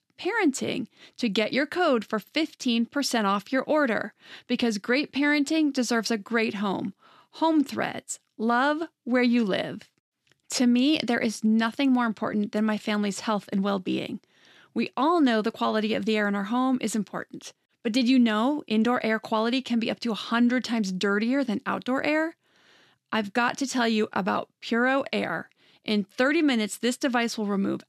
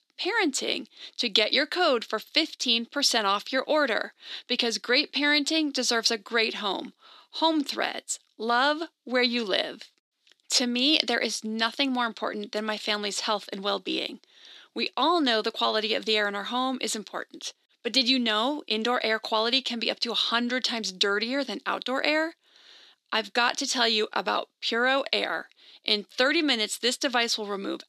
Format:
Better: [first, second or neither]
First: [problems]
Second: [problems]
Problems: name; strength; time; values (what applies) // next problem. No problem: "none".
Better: first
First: none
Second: thin; somewhat; fading below 300 Hz